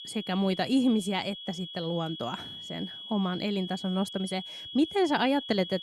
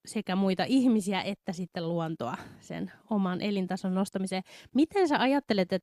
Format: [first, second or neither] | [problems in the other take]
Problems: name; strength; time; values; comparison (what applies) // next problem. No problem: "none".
second | high-pitched whine; loud; throughout; 3.5 kHz, 10 dB below the speech